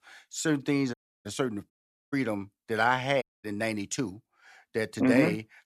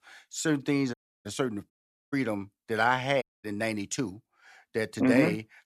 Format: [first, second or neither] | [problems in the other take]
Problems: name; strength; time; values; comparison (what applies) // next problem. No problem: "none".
neither | audio cutting out; at 1 s, at 1.5 s and at 3 s; the same in both